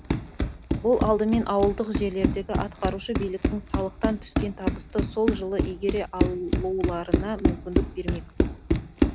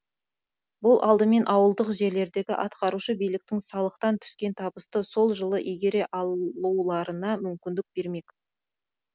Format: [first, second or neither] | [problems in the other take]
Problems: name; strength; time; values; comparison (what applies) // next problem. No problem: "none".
second | background sound (Run); 1 dB above the speech